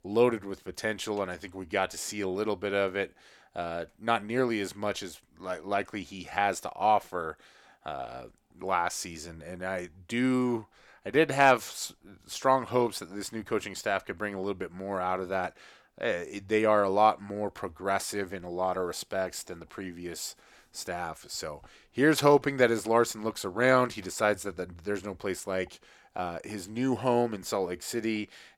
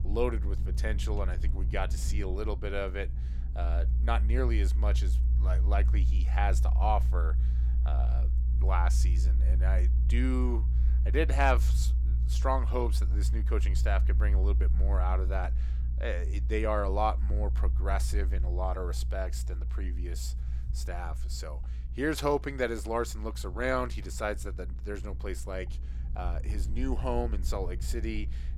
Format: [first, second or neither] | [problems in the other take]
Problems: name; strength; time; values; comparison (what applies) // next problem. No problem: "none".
first | low rumble; noticeable; throughout; 15 dB below the speech